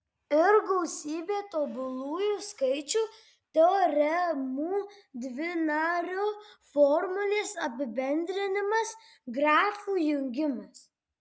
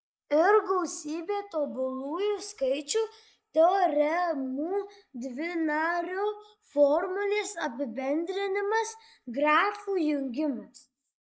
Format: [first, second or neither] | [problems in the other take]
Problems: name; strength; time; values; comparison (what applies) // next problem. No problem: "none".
first | noise reduction (neural mask model Resemble Enhance denoiser)